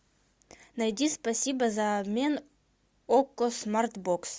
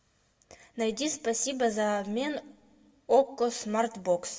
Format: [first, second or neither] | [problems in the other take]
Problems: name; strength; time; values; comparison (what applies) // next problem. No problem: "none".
first | room echo; dies away in 0.6 s